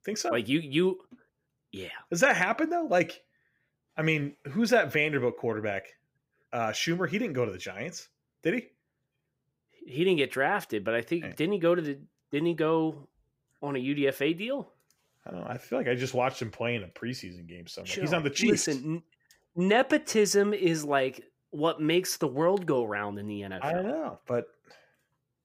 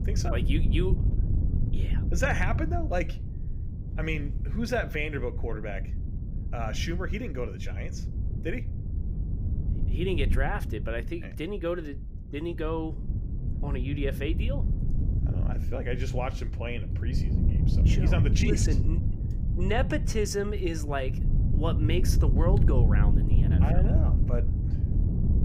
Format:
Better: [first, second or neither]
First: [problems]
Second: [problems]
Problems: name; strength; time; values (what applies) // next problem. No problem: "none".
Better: first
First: none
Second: wind noise on the microphone; heavy; 8 dB below the speech